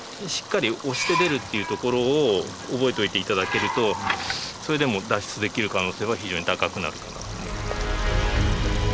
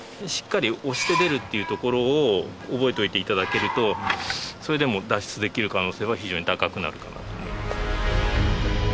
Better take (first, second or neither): second